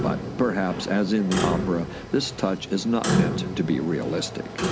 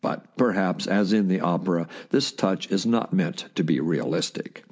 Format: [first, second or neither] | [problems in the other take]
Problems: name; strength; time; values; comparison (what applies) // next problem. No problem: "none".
second | background sound (Clock); 3 dB below the speech